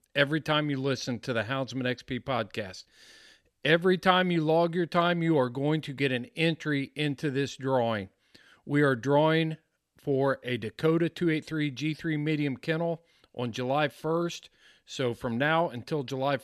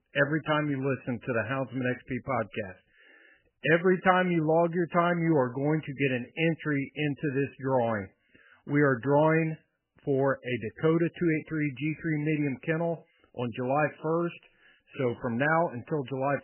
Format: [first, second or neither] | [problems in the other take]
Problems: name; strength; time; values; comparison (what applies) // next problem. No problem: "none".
first | garbled, watery; badly; nothing above 3 kHz